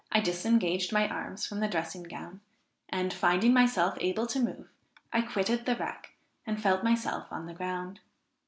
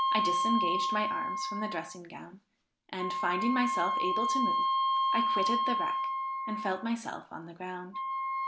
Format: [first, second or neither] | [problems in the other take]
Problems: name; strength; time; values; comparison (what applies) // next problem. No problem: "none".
first | background sound (Wind instrument, woodwind instrument); 4 dB above the speech